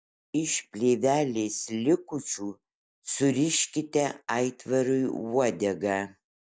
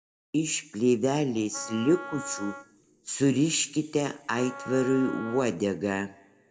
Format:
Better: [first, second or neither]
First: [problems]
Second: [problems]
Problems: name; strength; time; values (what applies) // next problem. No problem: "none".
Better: first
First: none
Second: background sound (Wind instrument, woodwind instrument); 14 dB below the speech // room echo; dies away in 0.6 s